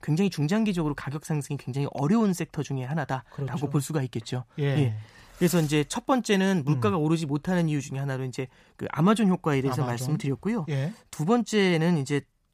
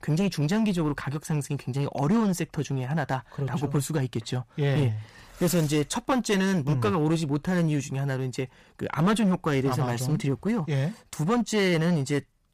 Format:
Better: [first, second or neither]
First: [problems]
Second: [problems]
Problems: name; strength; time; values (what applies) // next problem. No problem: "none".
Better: first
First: none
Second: distortion; slight; 9% of the sound clipped